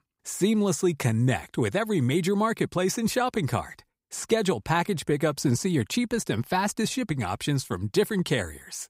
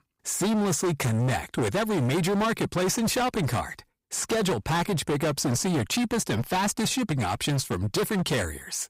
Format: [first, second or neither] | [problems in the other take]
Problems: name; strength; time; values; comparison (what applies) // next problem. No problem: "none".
first | distortion; heavy; 27% of the sound clipped